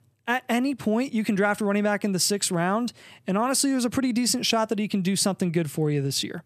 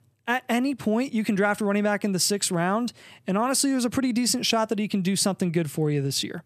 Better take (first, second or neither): neither